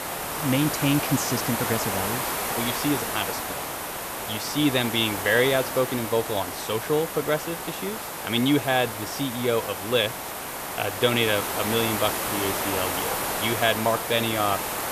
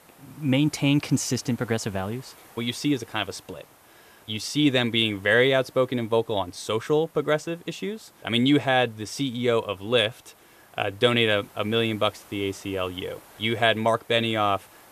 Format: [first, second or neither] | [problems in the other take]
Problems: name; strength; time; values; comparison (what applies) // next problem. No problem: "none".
second | hiss; loud; throughout; 3 dB below the speech; faint in the second